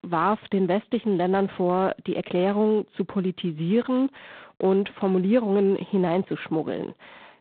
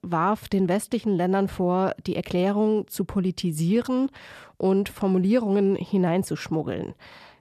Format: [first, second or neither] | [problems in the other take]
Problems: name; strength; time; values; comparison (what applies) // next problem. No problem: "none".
second | phone-call audio; poor line; nothing above 3.5 kHz